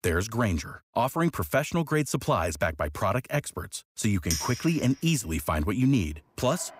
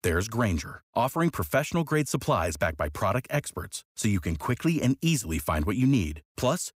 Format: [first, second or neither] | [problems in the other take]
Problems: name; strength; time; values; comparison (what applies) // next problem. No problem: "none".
second | clattering dishes; noticeable; from 4.5 s on; peak 3 dB below the speech